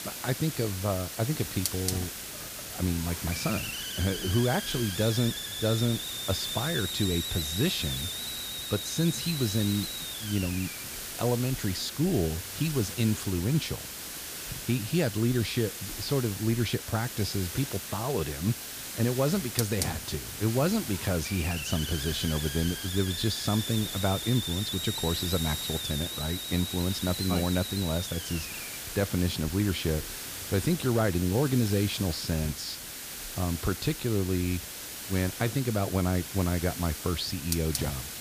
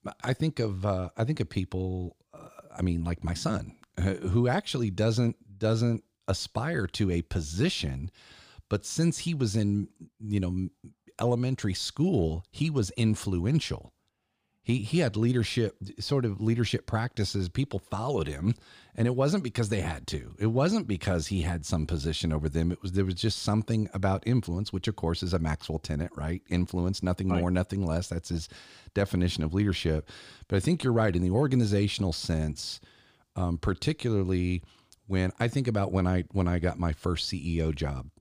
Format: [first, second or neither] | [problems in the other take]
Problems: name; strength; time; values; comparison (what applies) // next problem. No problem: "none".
second | hiss; loud; throughout; 4 dB below the speech